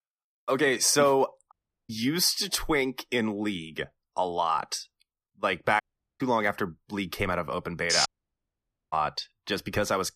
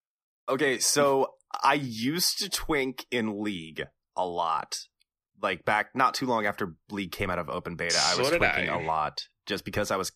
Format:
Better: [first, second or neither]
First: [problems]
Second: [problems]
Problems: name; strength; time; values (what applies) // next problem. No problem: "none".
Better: second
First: audio cutting out; at 1.5 s, at 6 s and at 8 s for 1 s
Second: none